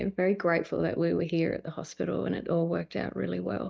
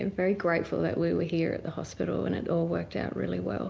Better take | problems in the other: second | noise reduction (neural mask model DeepFilterNet 3)

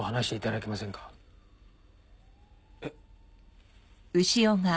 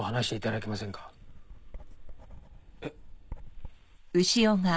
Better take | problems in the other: first | noise reduction (neural mask model Resemble Enhance denoiser)

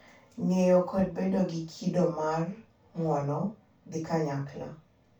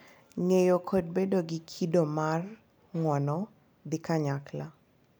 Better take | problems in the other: second | room echo; dies away in 0.2 s

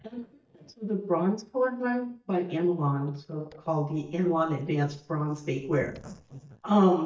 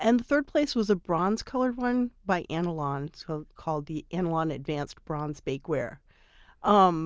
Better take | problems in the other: second | noise reduction (neural mask model DeepFilterNet 3)

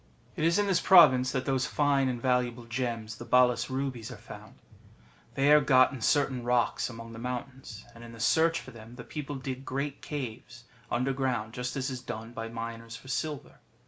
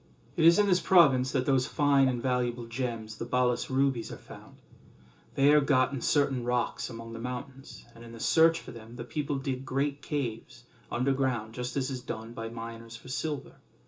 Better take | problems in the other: first | background sound (Raindrop / Drip); 19 dB below the speech // room echo; dies away in 0.2 s

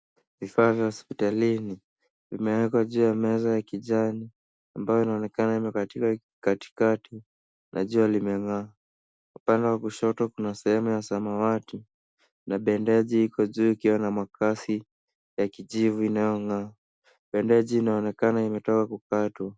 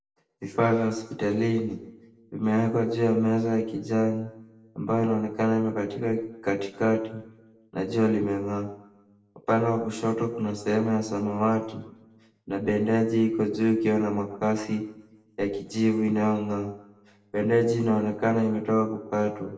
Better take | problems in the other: first | room echo; dies away in 0.6 s

